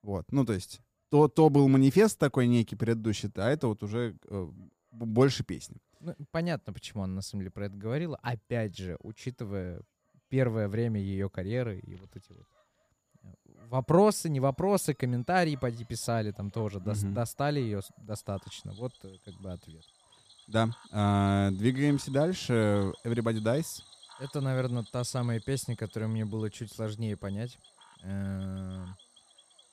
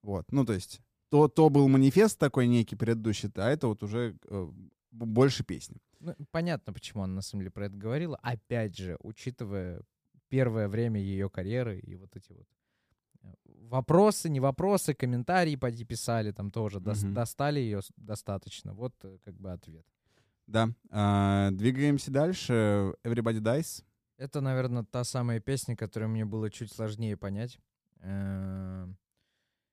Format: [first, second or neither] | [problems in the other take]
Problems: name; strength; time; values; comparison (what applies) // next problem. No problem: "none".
second | animal sounds; faint; throughout; 25 dB below the speech